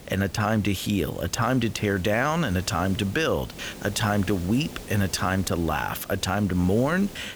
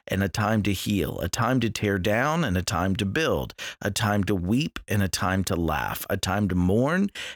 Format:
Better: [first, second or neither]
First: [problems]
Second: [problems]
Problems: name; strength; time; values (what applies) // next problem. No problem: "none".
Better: second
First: hiss; noticeable; throughout; 15 dB below the speech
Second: none